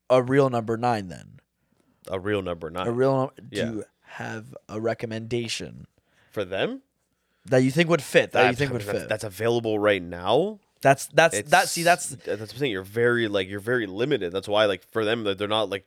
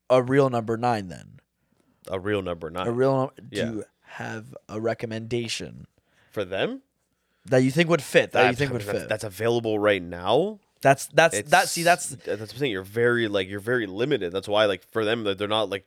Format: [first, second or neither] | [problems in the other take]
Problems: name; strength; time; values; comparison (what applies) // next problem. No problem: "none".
neither | none